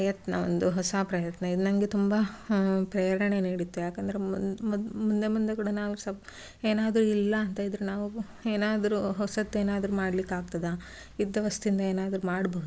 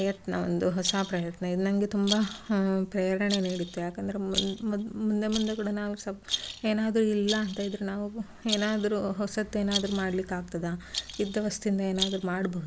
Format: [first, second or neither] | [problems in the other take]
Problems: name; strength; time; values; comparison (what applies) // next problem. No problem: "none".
first | background sound (Rattle); 10 dB below the speech